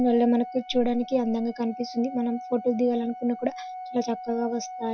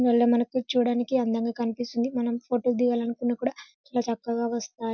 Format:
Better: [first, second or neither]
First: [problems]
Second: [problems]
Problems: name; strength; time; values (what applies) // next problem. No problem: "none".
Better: second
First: background sound (Organ); 12 dB below the speech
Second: none